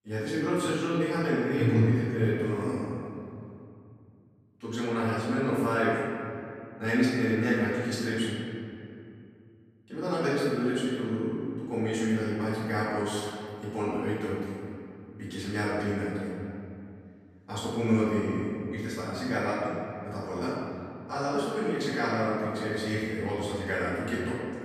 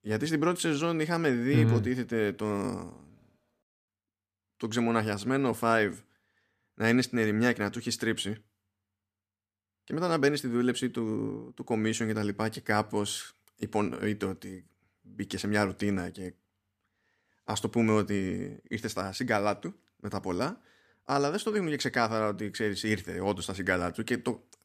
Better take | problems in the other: second | off-mic speech; far // room echo; strong; dies away in 2.5 s

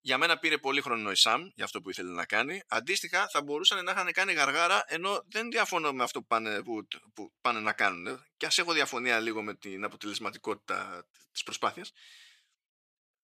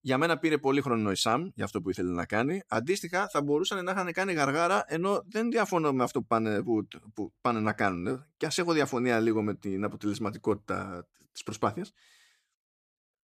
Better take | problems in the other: second | thin; somewhat; fading below 1 kHz

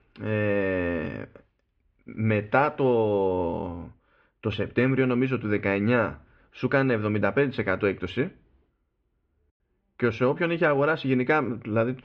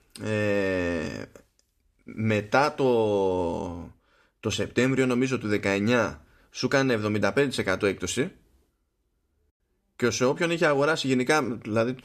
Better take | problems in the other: second | muffled; very; fading above 3 kHz

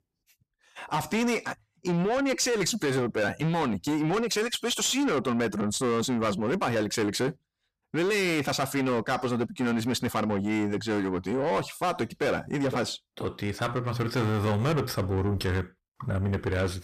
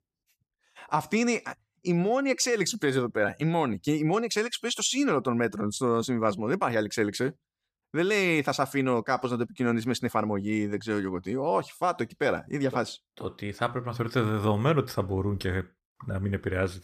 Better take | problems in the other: second | distortion; heavy; 8 dB below the speech

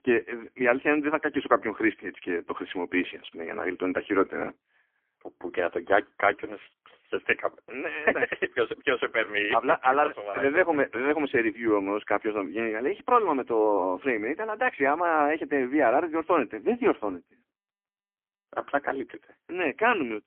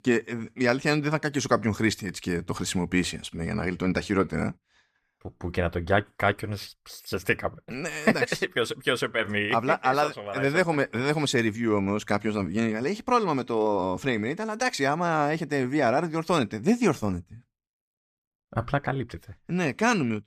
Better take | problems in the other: second | phone-call audio; poor line

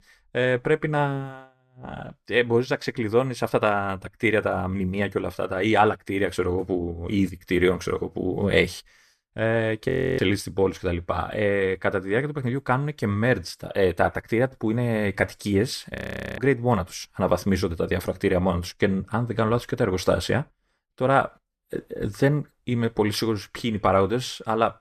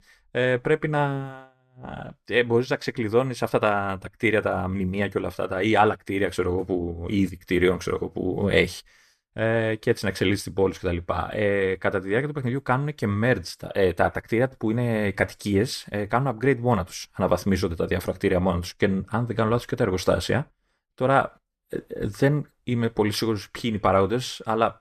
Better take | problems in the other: second | audio freezing; at 10 s and at 16 s

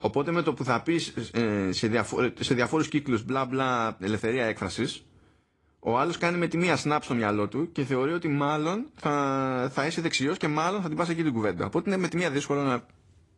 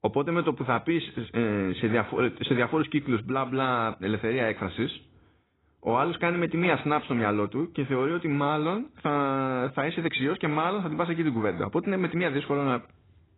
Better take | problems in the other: first | garbled, watery; badly; nothing above 4 kHz; slightly in the first

